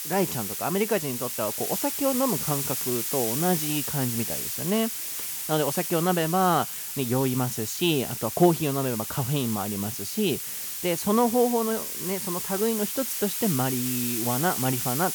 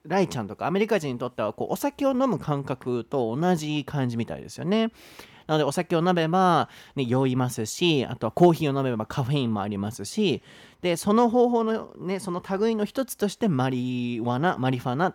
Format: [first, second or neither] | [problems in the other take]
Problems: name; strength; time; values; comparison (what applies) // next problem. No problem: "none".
second | hiss; loud; throughout; 2 dB below the speech